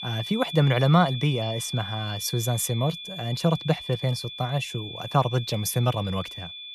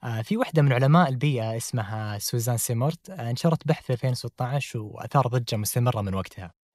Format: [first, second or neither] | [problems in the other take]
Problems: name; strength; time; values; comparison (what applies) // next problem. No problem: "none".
second | high-pitched whine; loud; throughout; 3.5 kHz, 9 dB below the speech